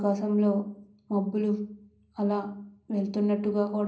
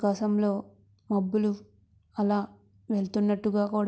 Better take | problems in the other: second | room echo; dies away in 0.5 s

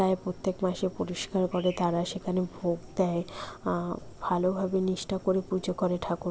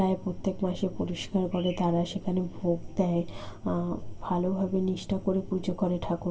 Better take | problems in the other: first | room echo; dies away in 0.2 s

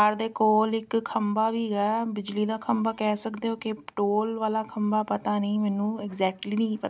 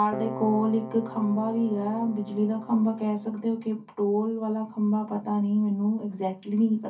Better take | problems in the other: first | background sound (Keyboard (musical)); 13 dB below the speech // room echo; dies away in 0.3 s

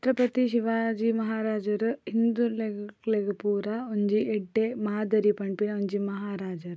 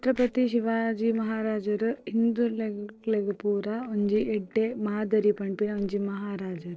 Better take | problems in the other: first | noise reduction (neural separator model SepFormer DNS4)

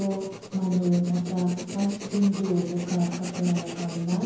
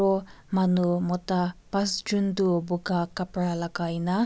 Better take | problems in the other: second | background sound (Writing); 11 dB below the speech // room echo; dies away in 0.9 s

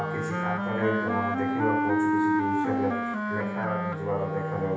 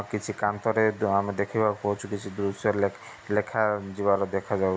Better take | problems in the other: second | background sound (Wind instrument, woodwind instrument); 3 dB above the speech // room echo; dies away in 0.9 s

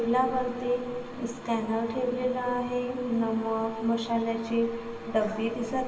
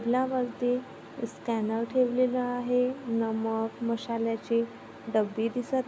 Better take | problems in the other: second | background sound (Cough); 19 dB below the speech // room echo; dies away in 2.3 s

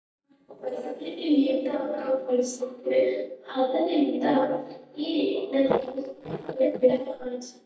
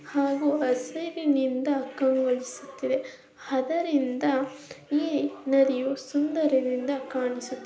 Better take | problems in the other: second | noise reduction (neural mask model DeepFilterNet 3)

